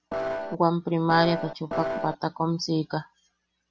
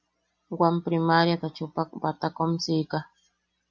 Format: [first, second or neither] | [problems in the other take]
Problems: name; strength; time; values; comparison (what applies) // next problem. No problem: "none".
second | background sound (Piano); 3 dB below the speech